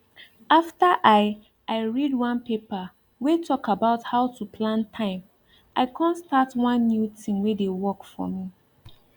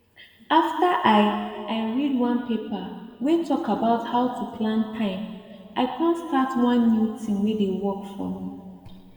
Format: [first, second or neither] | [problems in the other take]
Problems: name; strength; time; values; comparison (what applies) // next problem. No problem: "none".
first | room echo; dies away in 1.9 s